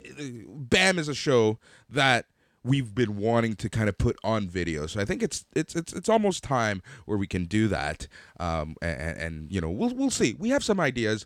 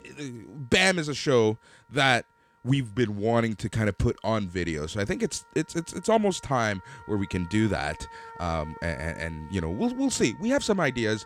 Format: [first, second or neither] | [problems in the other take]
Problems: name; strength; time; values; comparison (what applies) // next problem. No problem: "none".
first | background music; faint; throughout; 20 dB below the speech